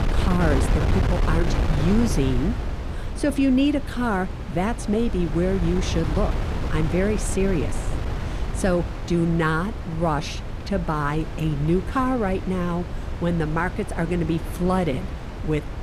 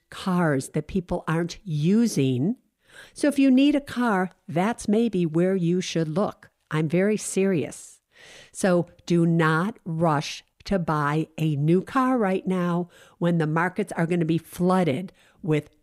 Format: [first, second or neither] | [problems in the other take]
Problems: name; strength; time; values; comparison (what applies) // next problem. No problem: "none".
second | wind noise on the microphone; heavy; 8 dB below the speech